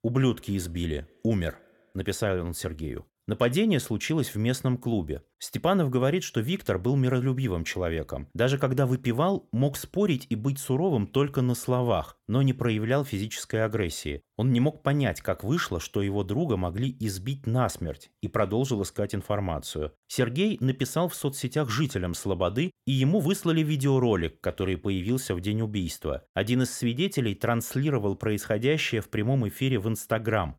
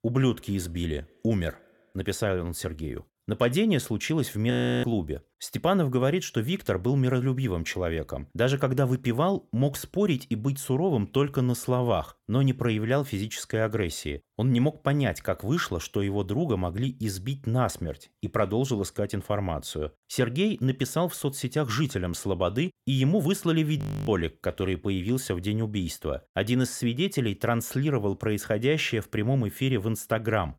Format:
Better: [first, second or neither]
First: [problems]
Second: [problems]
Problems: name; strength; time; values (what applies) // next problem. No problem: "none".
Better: first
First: none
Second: audio freezing; at 4.5 s and at 24 s